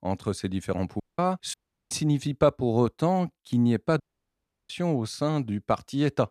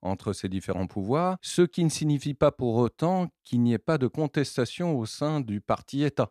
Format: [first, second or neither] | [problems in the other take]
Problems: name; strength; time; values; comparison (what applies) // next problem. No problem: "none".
second | audio cutting out; at 1 s, at 1.5 s and at 4 s for 0.5 s